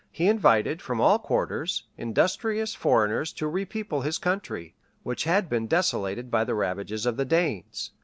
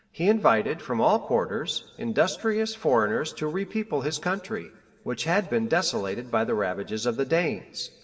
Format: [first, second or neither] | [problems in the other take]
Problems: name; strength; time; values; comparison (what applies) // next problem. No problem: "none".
first | room echo; dies away in 1.4 s